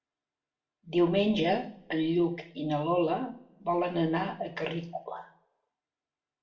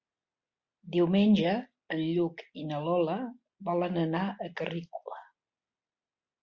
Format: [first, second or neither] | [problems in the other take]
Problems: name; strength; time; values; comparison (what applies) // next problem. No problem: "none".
second | room echo; dies away in 0.4 s